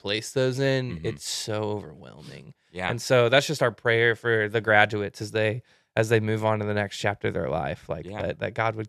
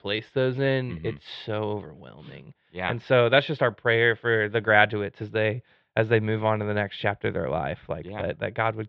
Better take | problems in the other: first | muffled; very; fading above 3.5 kHz

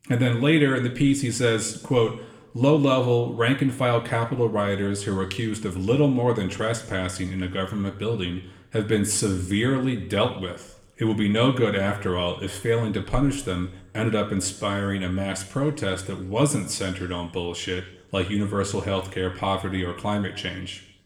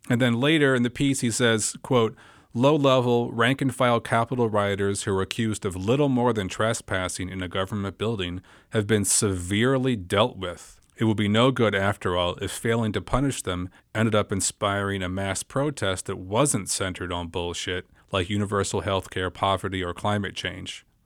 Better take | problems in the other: second | room echo; slight; dies away in 0.6 s

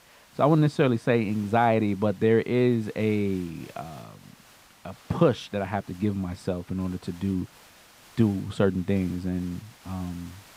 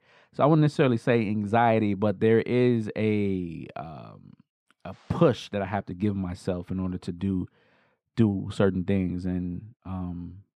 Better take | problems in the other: second | hiss; faint; throughout; 25 dB below the speech

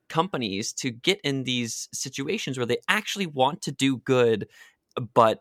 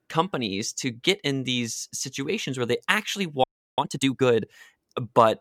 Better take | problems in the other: first | audio freezing; at 3.5 s

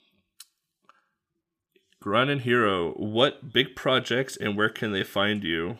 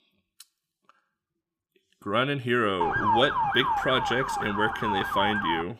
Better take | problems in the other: first | siren; loud; from 3 s on; peak 3 dB above the speech

